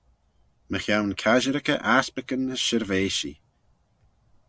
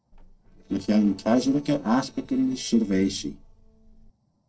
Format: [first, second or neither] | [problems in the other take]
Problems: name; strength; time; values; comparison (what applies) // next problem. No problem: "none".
first | noise reduction (neural separator model SepFormer DNS4)